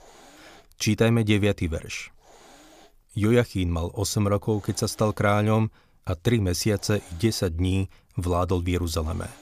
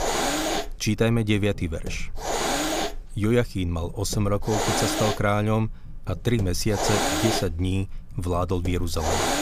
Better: first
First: hiss; faint; throughout; 30 dB below the speech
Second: hiss; loud; throughout; 2 dB below the speech

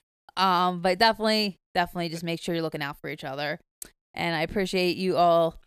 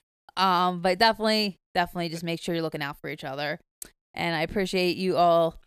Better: neither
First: none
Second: none

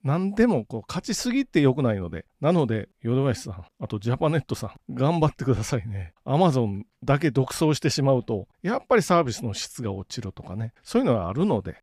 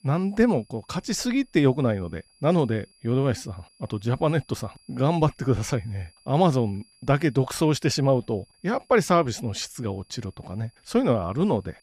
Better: first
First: none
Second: high-pitched whine; faint; throughout; 5 kHz, 35 dB below the speech

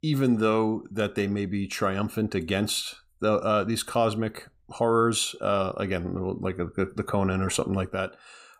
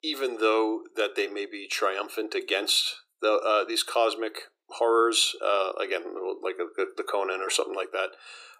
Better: first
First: none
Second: thin; very; fading below 300 Hz

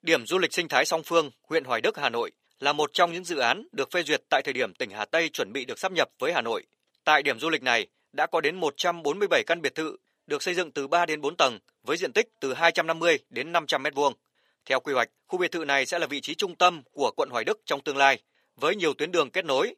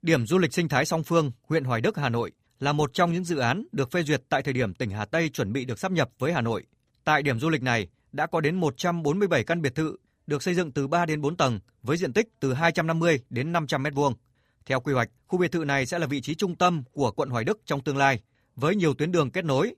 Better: second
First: thin; somewhat; fading below 500 Hz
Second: none

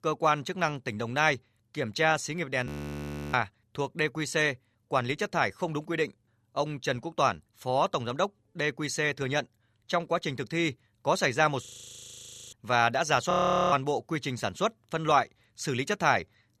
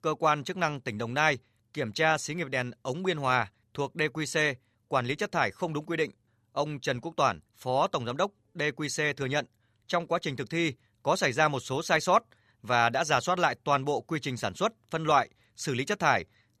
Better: second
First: audio freezing; at 2.5 s for 0.5 s, at 12 s for 1 s and at 13 s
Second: none

